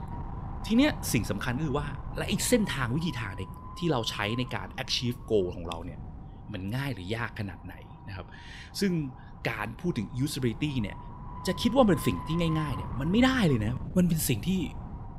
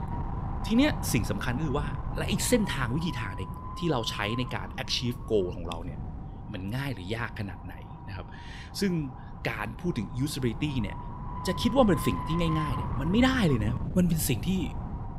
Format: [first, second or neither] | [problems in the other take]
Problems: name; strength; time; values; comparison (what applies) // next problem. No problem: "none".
first | wind noise on the microphone; heavy; 9 dB below the speech; occasional gusts in the first